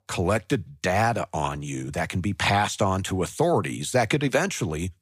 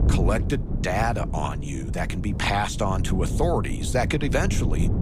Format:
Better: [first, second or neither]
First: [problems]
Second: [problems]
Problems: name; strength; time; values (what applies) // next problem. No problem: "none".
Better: first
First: none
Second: wind noise on the microphone; occasional gusts; 10 dB below the speech